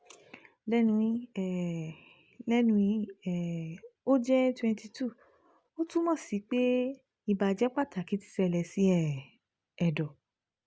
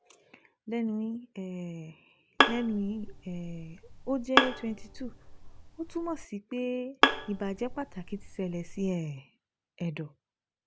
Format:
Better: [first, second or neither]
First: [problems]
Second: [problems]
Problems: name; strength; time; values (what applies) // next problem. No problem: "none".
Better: first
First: none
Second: background sound (Bowed string instrument); 4 dB above the speech